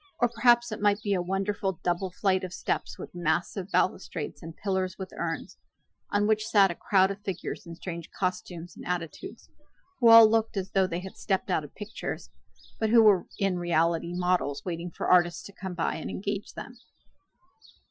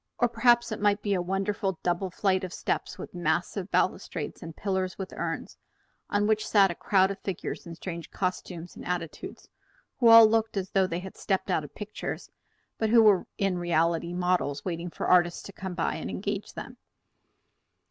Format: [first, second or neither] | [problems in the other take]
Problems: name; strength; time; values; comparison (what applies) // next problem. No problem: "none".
second | noise reduction (classical method Wiener filter)